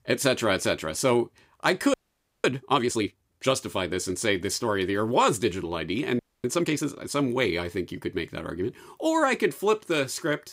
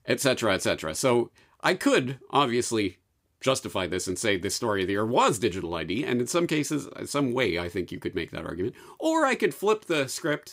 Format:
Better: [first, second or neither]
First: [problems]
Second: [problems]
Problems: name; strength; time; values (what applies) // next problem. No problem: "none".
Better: second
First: audio freezing; at 2 s for 0.5 s and at 6 s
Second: none